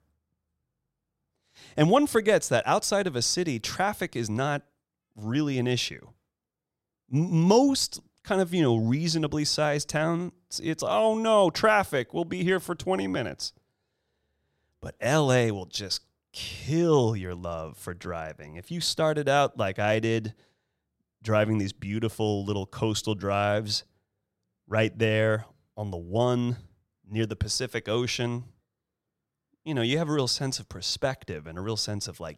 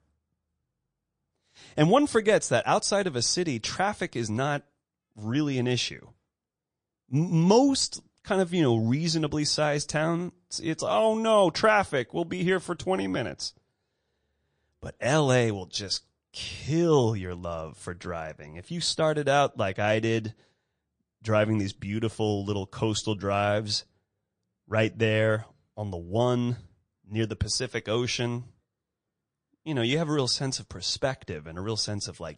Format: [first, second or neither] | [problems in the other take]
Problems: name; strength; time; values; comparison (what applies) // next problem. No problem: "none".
first | garbled, watery; slightly; nothing above 9 kHz